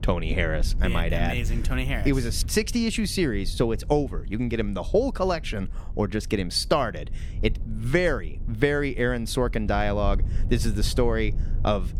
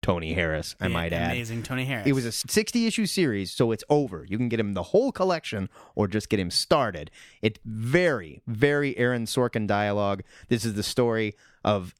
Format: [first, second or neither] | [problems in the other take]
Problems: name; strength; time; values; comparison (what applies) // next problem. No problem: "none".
second | low rumble; faint; throughout; 20 dB below the speech